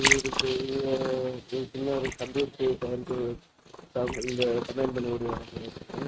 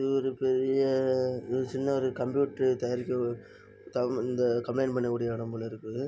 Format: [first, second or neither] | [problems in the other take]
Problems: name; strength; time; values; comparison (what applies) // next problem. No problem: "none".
second | noise reduction (neural mask model RNNoise)